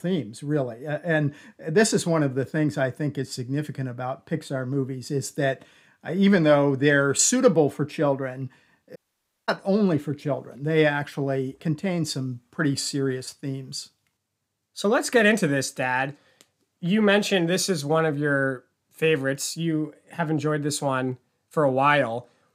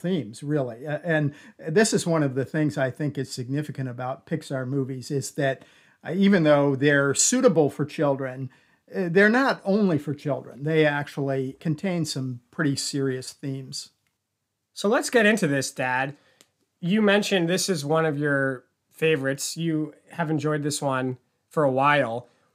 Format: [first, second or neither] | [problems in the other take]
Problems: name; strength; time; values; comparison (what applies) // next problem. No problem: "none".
second | audio cutting out; at 9 s for 0.5 s